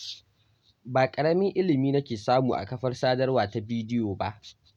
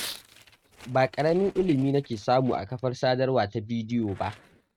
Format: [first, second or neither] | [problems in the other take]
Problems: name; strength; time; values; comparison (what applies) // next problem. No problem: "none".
first | noise reduction (neural mask model RNNoise)